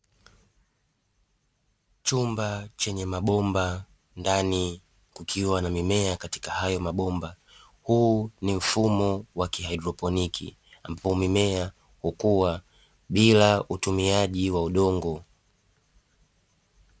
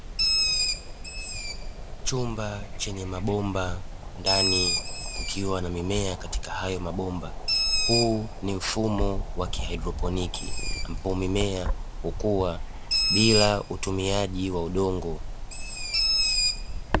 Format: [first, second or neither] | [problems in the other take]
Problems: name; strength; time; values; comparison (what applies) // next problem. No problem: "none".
first | background sound (Bird); 1 dB above the speech